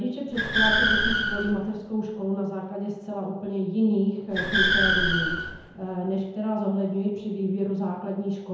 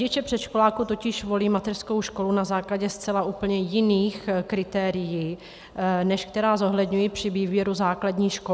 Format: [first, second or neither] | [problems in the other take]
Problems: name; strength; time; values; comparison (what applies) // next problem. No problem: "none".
second | background sound (Car); 2 dB above the speech // room echo; dies away in 0.9 s